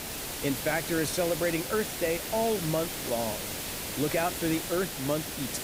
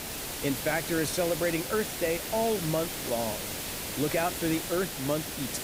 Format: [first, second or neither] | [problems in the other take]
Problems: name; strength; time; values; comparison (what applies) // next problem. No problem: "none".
neither | hiss; loud; throughout; 3 dB below the speech; the same in both